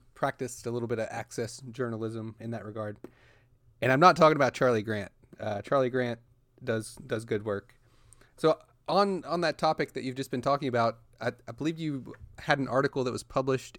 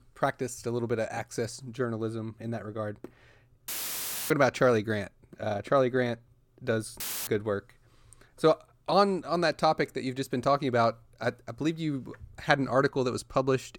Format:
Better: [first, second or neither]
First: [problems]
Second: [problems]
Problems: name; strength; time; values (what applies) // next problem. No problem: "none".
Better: first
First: none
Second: audio cutting out; filled with static; at 3.5 s for 0.5 s and at 7 s